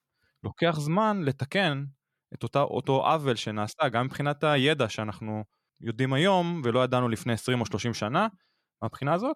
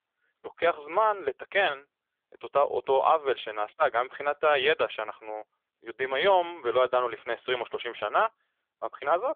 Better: first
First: none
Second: phone-call audio; poor line; nothing above 3.5 kHz

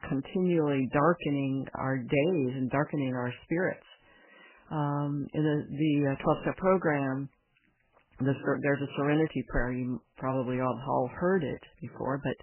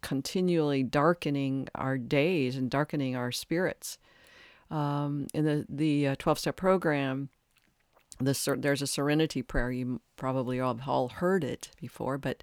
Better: second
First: garbled, watery; badly; nothing above 3 kHz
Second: none

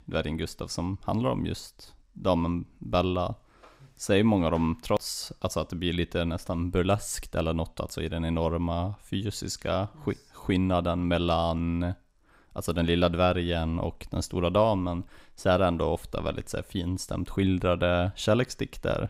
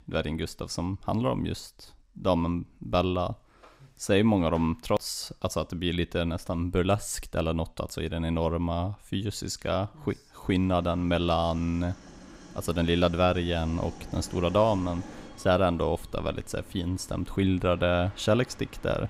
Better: first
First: none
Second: train or aircraft noise; noticeable; from 10 s on; 20 dB below the speech

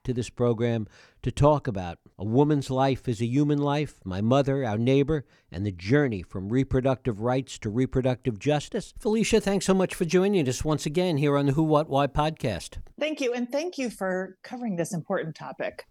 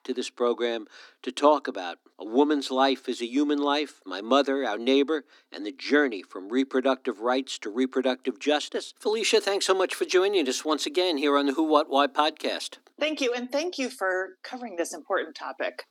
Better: first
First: none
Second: thin; very slightly; fading below 250 Hz

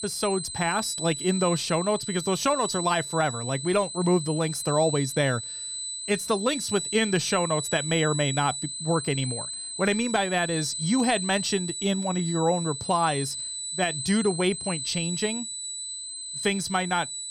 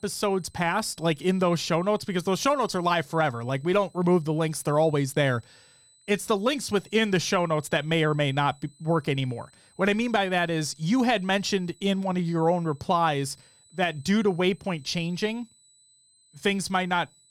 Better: second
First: high-pitched whine; loud; throughout; 8 kHz, 5 dB below the speech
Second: high-pitched whine; faint; throughout; 8 kHz, 30 dB below the speech

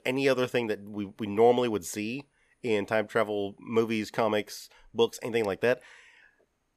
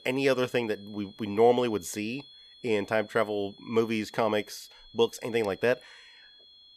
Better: first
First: none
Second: high-pitched whine; faint; throughout; 3.5 kHz, 25 dB below the speech

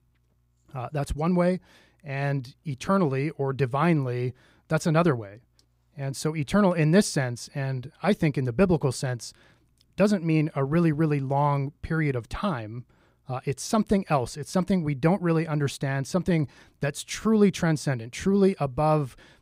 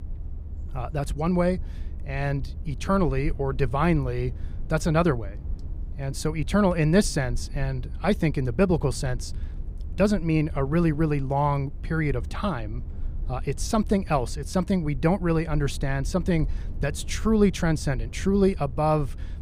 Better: first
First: none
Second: low rumble; faint; throughout; 25 dB below the speech

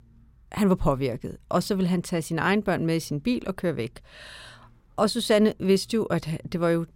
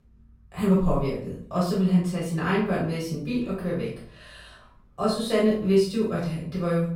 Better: first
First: none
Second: off-mic speech; far // room echo; noticeable; dies away in 0.4 s

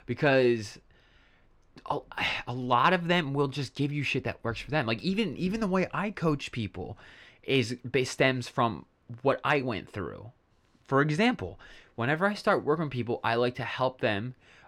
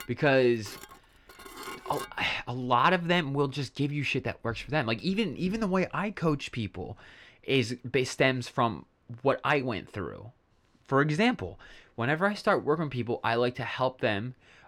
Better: first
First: none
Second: clattering dishes; faint; until 2 s; peak 10 dB below the speech

